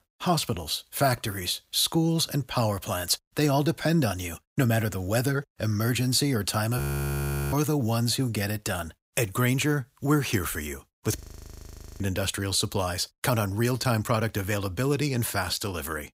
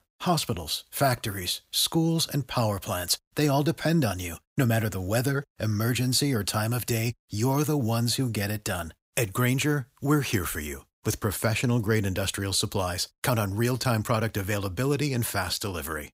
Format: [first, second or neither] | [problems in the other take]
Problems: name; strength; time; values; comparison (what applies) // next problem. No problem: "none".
second | audio freezing; at 7 s for 0.5 s and at 11 s for 1 s